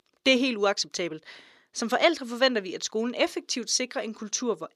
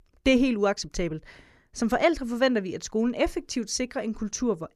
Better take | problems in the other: second | thin; very slightly; fading below 300 Hz

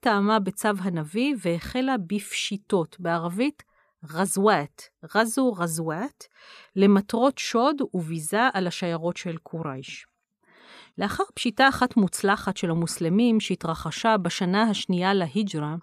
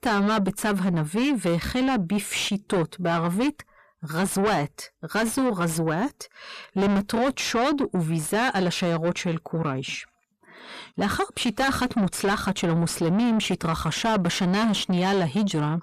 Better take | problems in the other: first | distortion; heavy; 6 dB below the speech

